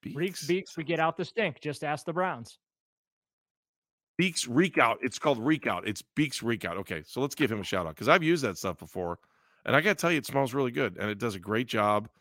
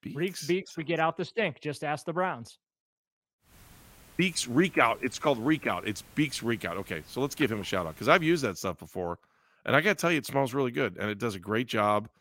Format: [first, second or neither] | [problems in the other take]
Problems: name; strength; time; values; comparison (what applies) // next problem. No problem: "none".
first | hiss; faint; from 3.5 to 8.5 s; 25 dB below the speech